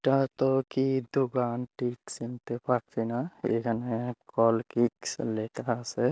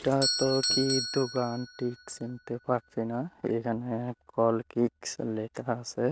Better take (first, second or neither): first